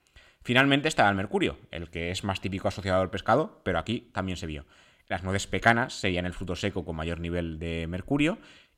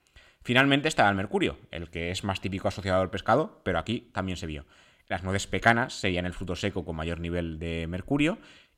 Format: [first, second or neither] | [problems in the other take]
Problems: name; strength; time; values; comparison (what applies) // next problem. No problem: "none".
neither | none